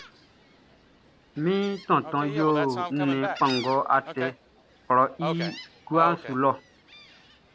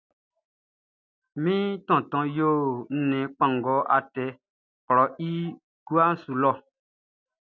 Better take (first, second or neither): second